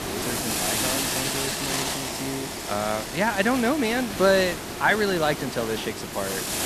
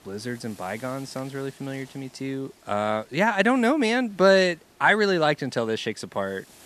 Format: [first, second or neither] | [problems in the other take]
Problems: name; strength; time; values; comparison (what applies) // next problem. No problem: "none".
second | hiss; loud; throughout; 2 dB below the speech; faint in the second